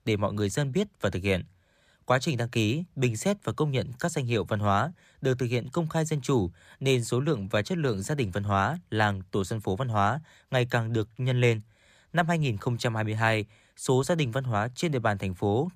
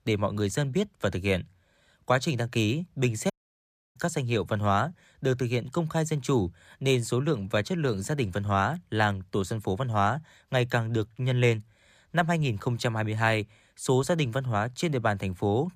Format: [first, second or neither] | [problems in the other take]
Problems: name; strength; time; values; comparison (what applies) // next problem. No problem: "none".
first | audio cutting out; at 3.5 s for 0.5 s